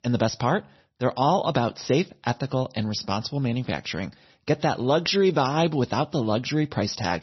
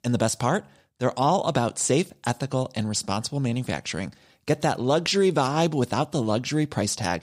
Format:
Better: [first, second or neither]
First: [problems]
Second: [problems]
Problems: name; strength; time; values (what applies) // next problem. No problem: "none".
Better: second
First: garbled, watery; slightly; nothing above 6 kHz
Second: none